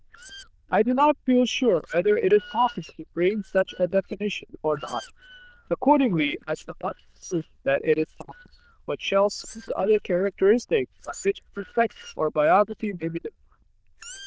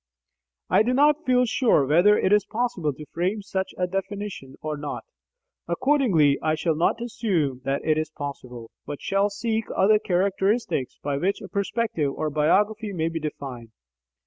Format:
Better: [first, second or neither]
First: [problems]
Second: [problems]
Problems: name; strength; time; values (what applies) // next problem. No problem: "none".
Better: second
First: noise reduction (neural diffusion model UNIVERSE++)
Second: none